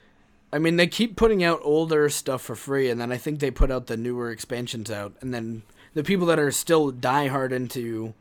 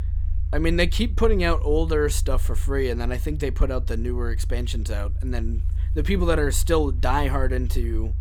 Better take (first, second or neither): first